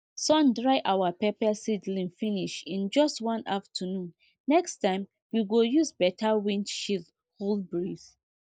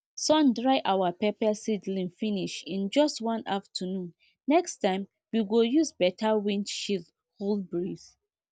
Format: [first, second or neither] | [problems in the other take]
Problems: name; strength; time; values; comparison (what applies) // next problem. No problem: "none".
second | noise reduction (neural mask model Resemble Enhance denoiser)